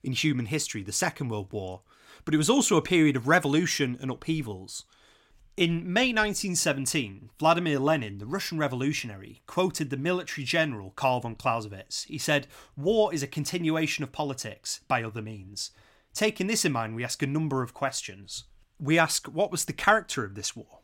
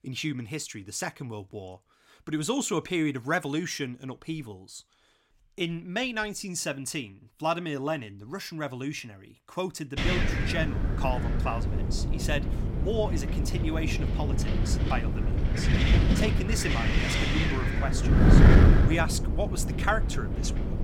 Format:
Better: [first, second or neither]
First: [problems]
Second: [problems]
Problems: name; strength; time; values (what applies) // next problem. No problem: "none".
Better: first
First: none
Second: wind noise on the microphone; heavy; from 10 s on; as loud as the speech